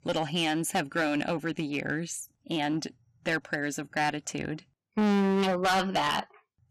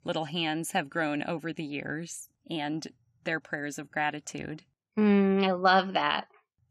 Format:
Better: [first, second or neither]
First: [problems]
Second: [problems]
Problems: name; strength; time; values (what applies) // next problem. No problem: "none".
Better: second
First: distortion; heavy; 11% of the sound clipped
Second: none